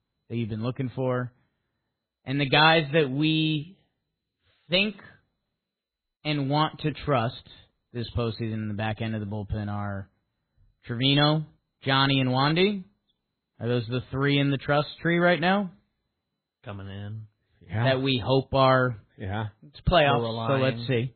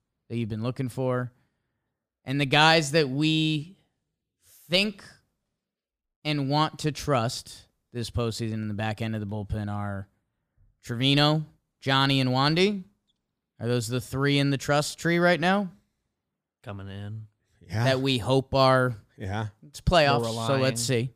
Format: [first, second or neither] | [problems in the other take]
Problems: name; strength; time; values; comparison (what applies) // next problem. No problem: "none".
second | garbled, watery; badly; nothing above 4 kHz